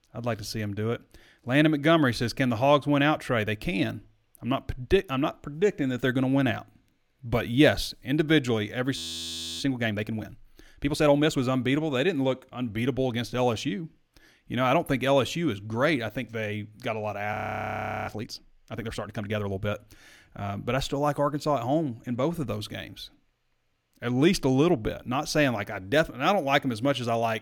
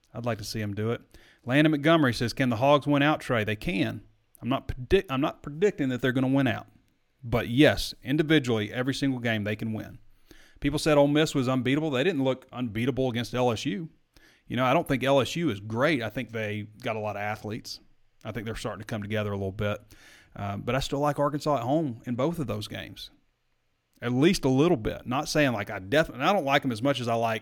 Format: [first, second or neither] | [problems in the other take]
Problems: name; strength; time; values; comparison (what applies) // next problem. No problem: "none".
second | audio freezing; at 9 s for 0.5 s and at 17 s for 0.5 s